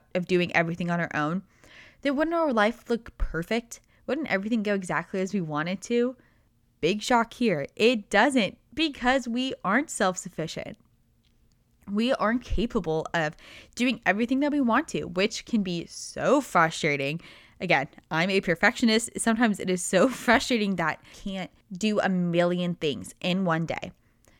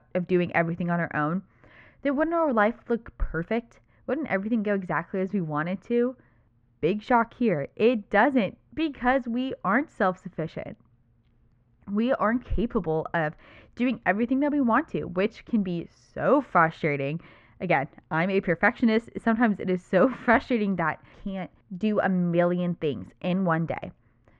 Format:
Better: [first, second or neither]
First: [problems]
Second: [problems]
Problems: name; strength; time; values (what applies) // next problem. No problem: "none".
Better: first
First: none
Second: muffled; very; fading above 1.5 kHz